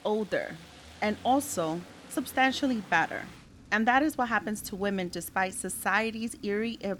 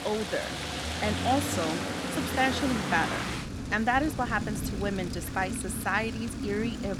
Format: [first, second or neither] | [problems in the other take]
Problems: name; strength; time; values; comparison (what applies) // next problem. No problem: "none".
first | rain or running water; loud; throughout; 3 dB below the speech; faint in the first